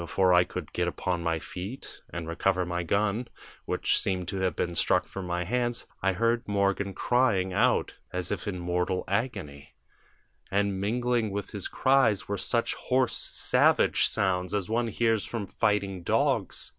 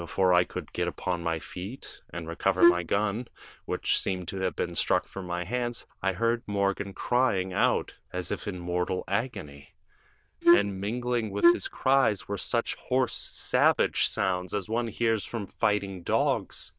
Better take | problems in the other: first | noise reduction (neural diffusion model UNIVERSE++)

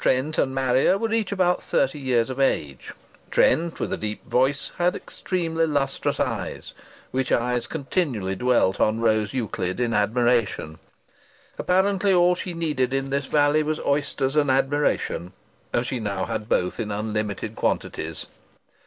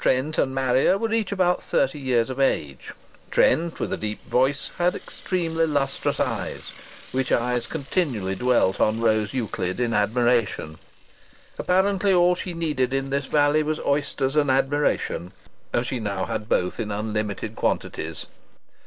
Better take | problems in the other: first | background sound (Mechanisms / Bicycle); 18 dB below the speech

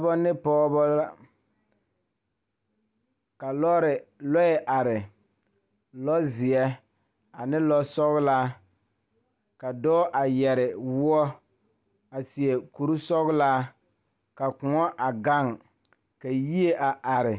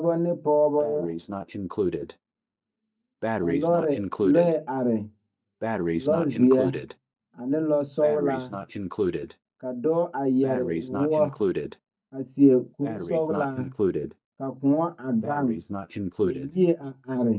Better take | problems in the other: first | noise reduction (neural mask model DeepFilterNet 3)

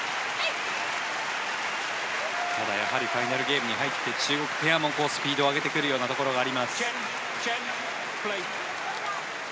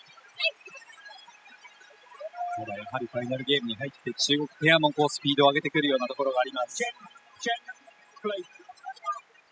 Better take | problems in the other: first | noise reduction (classical method spectral subtraction)

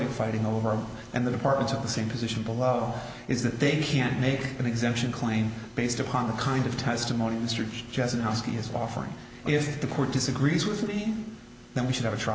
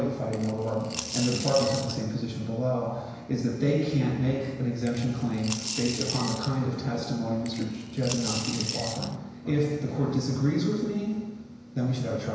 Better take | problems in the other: first | background sound (Coin (dropping) / Glass); 8 dB below the speech // room echo; dies away in 1 s

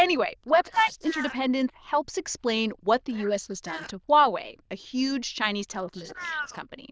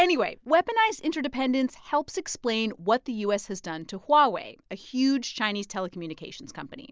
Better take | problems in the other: second | noise reduction (neural diffusion model UNIVERSE++)

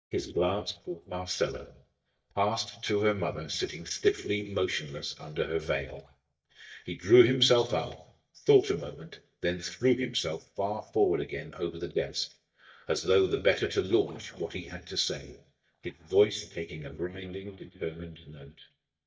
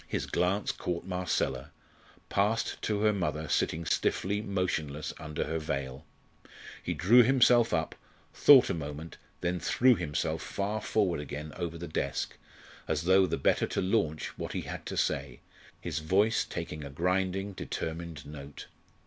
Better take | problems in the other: second | noise reduction (neural mask model DeepFilterNet 3)

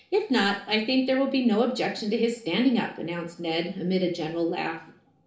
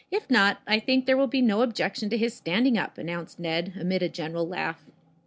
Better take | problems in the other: second | room echo; dies away in 0.5 s

